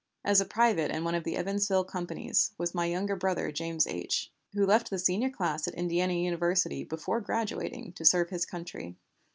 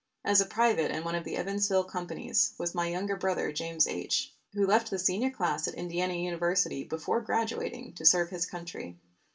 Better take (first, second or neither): first